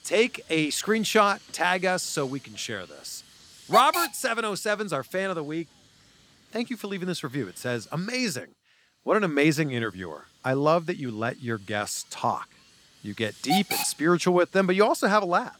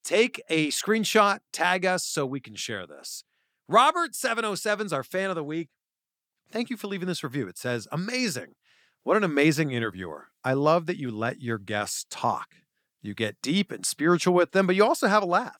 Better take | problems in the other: second | hiss; loud; throughout; 7 dB below the speech

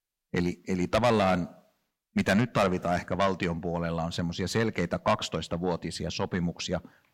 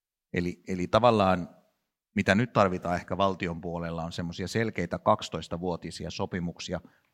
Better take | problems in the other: second | distortion; heavy; 7 dB below the speech

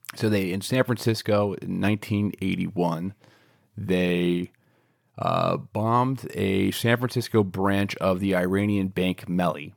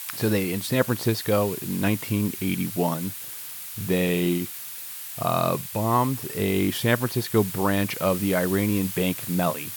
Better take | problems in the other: first | hiss; loud; throughout; 8 dB below the speech

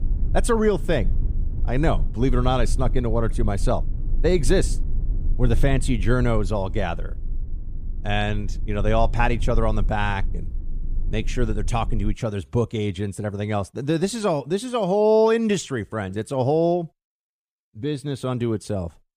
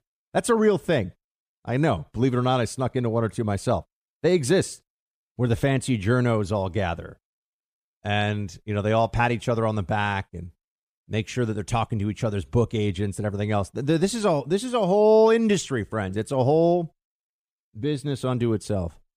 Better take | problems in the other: second | low rumble; faint; until 12 s; 20 dB below the speech

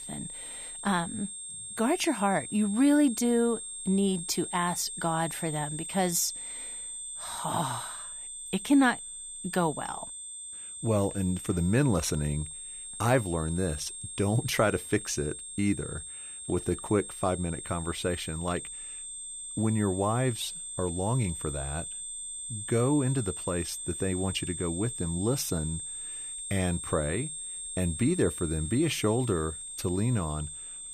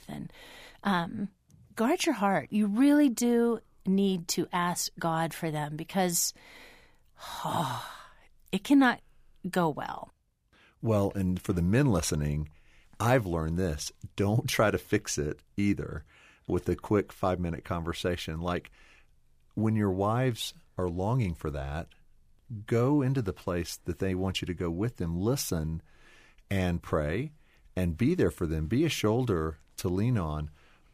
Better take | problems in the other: second | high-pitched whine; loud; throughout; 8.5 kHz, 7 dB below the speech

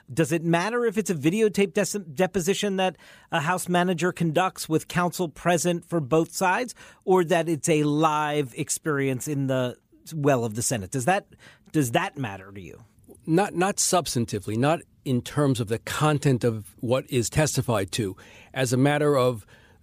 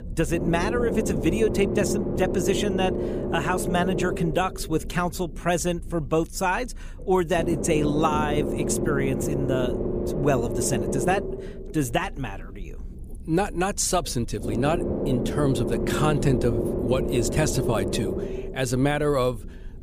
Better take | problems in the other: first | low rumble; loud; throughout; 4 dB below the speech

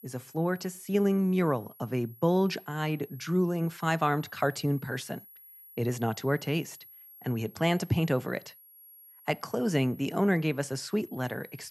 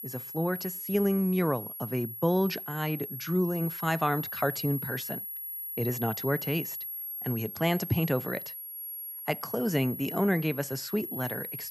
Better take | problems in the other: first | high-pitched whine; loud; throughout; 11.5 kHz, 6 dB below the speech; faint in the first

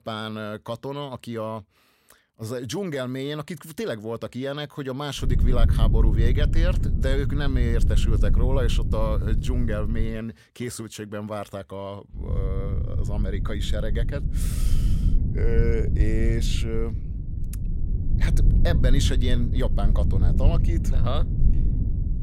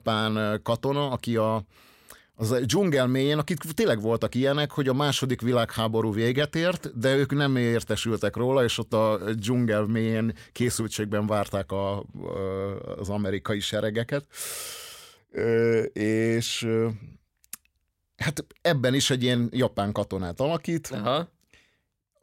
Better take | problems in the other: second | low rumble; loud; from 5.5 to 10 s and from 12 s on; 7 dB below the speech

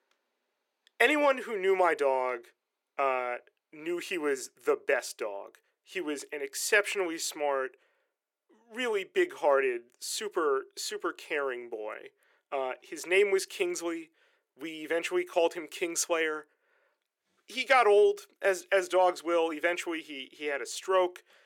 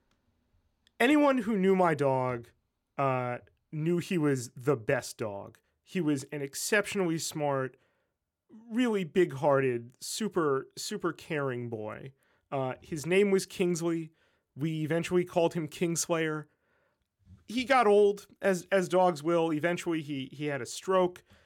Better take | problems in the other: second | thin; very; fading below 400 Hz

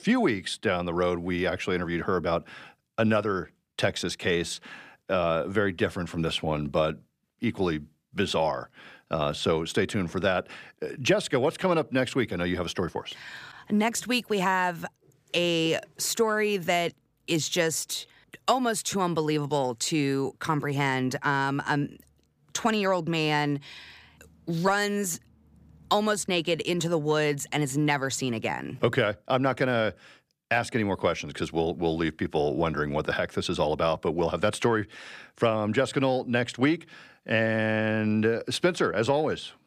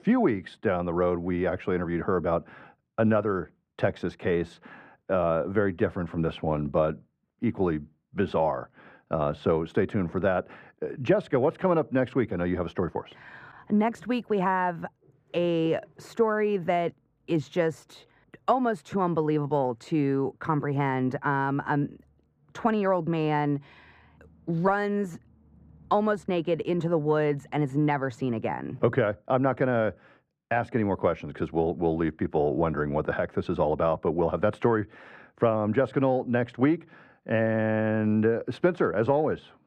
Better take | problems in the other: first | muffled; very; fading above 2.5 kHz

